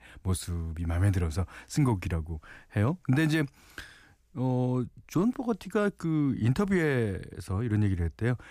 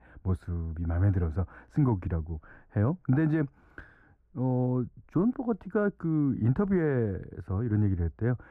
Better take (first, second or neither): first